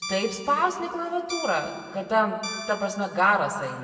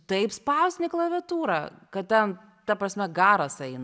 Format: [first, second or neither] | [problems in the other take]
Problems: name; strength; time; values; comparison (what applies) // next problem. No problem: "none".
second | background sound (Guitar); 13 dB below the speech // room echo; dies away in 2.2 s